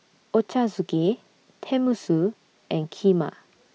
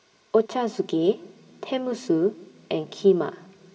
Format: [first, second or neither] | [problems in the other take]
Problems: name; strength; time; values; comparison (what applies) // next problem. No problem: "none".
first | room echo; dies away in 1.2 s